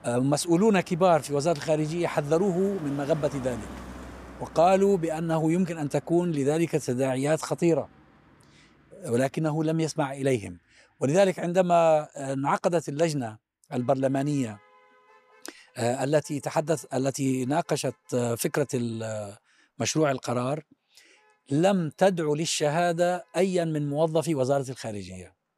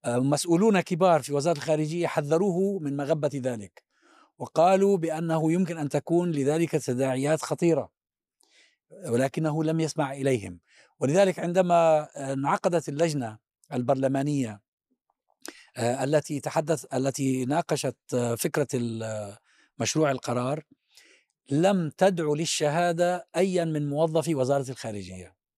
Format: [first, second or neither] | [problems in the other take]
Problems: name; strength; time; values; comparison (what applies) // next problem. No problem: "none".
second | traffic noise; faint; throughout; 20 dB below the speech